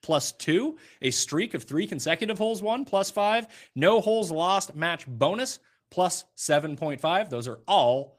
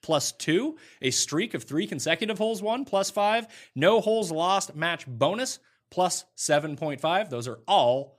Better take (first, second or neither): second